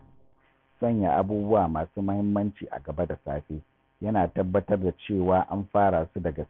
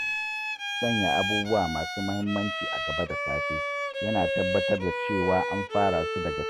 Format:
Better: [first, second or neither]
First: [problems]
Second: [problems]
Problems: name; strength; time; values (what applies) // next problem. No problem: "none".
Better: first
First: none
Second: background sound (Bowed string instrument); 1 dB below the speech